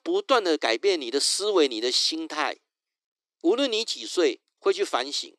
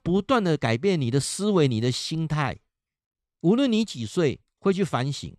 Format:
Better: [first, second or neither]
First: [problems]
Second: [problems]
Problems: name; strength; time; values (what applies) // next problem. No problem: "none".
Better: second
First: thin; very; fading below 300 Hz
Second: none